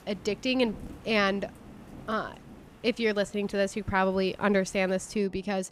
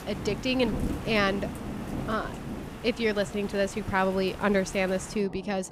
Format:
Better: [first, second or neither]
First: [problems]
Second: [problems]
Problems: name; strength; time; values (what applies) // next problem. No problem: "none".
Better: first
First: rain or running water; faint; throughout; 20 dB below the speech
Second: rain or running water; loud; throughout; 9 dB below the speech